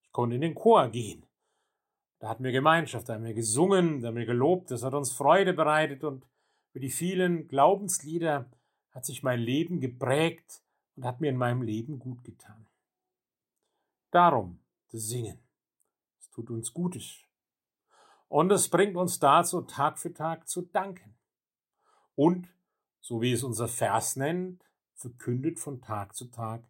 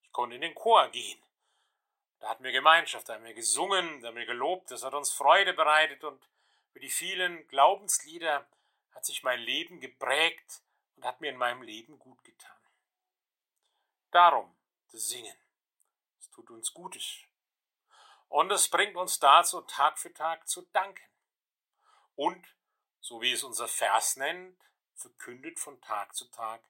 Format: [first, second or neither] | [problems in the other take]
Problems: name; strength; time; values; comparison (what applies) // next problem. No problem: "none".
first | thin; very; fading below 850 Hz